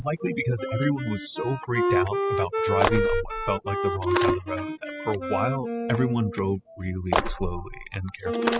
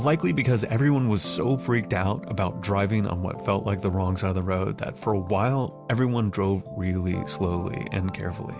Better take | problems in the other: second | noise reduction (classical method spectral subtraction)

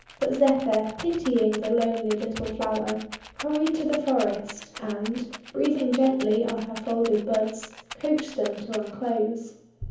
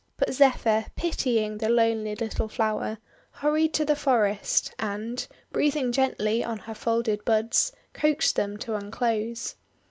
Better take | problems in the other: second | background sound (Rattle); 16 dB below the speech // room echo; dies away in 0.7 s

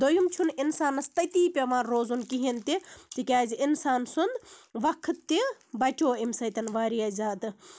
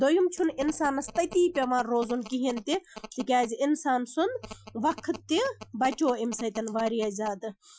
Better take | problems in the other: first | noise reduction (classical method Wiener filter)

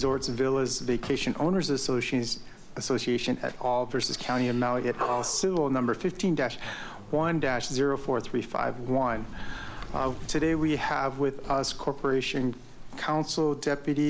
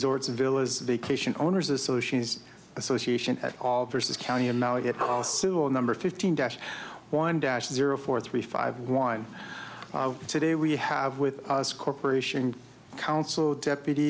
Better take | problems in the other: second | background sound (Sliding door); 11 dB below the speech

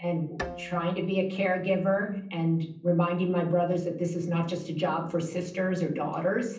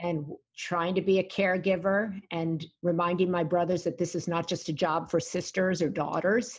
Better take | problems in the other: second | background sound (Bowed string instrument); 17 dB below the speech // room echo; dies away in 0.6 s

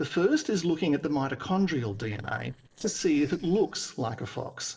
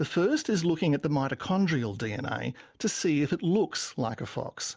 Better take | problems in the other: second | noise reduction (neural separator model SepFormer DNS4)

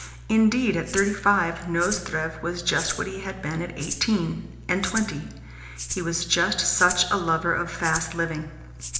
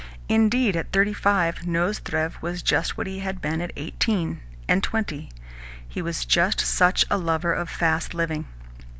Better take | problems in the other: second | background sound (Rattle (instrument)); 13 dB below the speech // room echo; dies away in 0.8 s

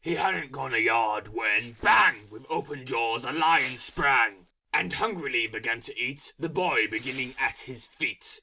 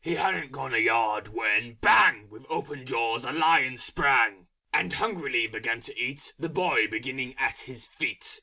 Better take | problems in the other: second | noise reduction (neural separator model SepFormer DNS4)

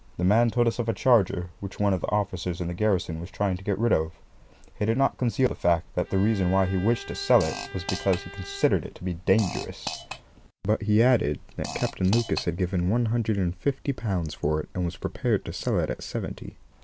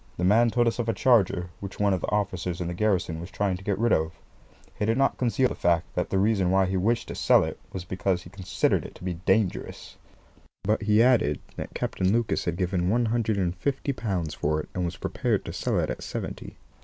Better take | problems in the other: second | background sound (Bowed string instrument + Fart); 13 dB below the speech

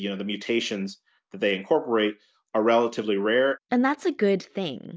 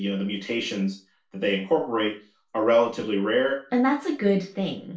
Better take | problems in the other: first | room echo; dies away in 0.3 s

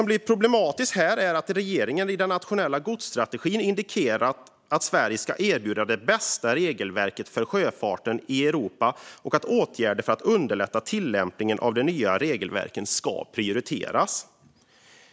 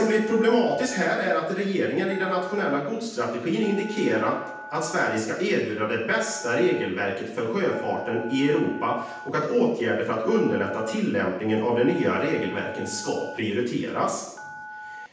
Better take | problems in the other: first | background sound (Telephone); 16 dB below the speech // room echo; dies away in 0.9 s

